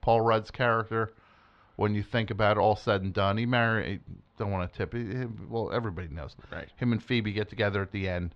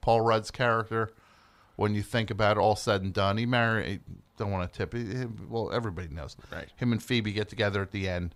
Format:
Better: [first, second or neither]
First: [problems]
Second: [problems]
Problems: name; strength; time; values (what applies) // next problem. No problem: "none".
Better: second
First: muffled; very slightly; fading above 3.5 kHz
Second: none